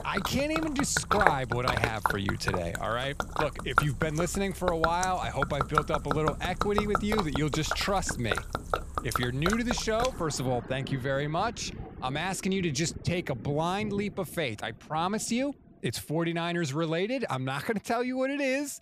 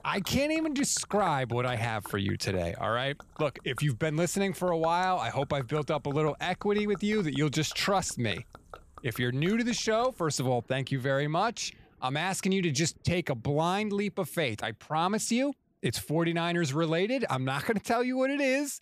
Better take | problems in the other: second | rain or running water; loud; throughout; 3 dB below the speech; faint in the second

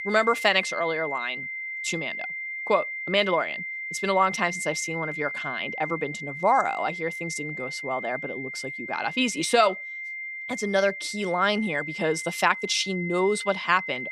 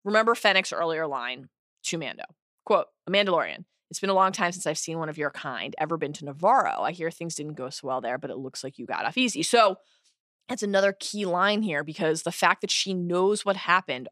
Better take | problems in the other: second | high-pitched whine; loud; throughout; 2 kHz, 6 dB below the speech

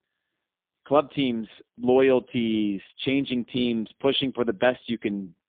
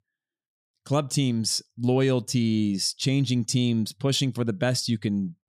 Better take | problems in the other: second | phone-call audio; poor line; nothing above 3.5 kHz

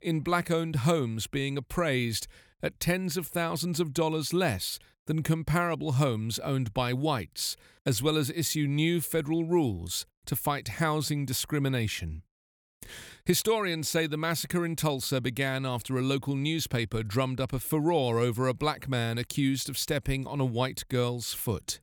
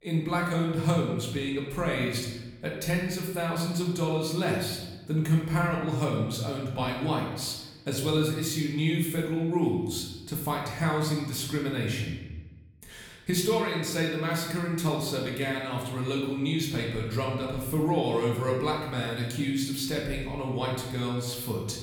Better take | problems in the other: first | room echo; noticeable; dies away in 1 s // off-mic speech; far

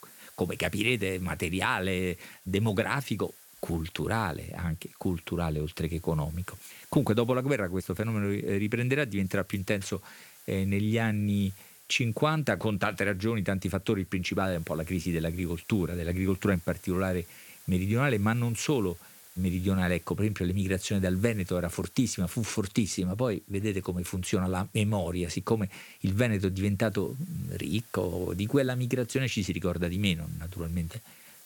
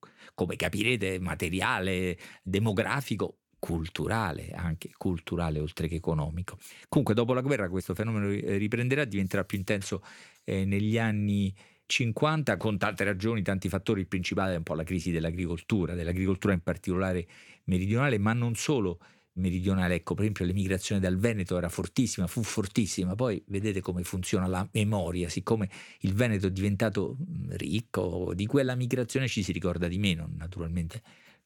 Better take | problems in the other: second | hiss; faint; throughout; 20 dB below the speech

